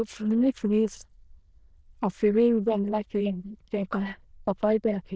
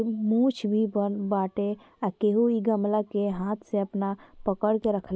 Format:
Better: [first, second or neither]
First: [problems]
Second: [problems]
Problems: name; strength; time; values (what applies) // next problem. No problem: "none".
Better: second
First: noise reduction (neural diffusion model UNIVERSE++)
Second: none